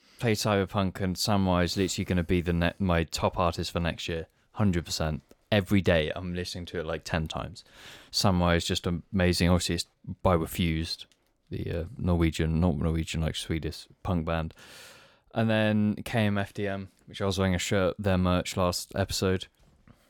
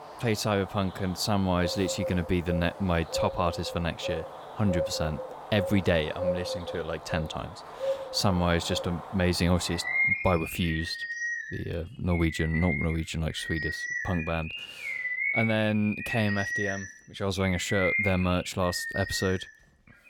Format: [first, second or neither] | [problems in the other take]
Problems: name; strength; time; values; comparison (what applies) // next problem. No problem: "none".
first | animal sounds; loud; throughout; 4 dB below the speech